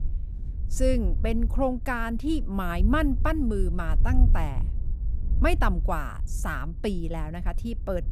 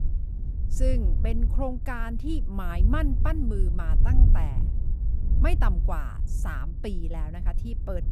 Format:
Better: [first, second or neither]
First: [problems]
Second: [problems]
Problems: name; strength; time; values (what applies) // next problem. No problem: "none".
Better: first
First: wind noise on the microphone; occasional gusts; 20 dB below the speech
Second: wind noise on the microphone; heavy; 10 dB below the speech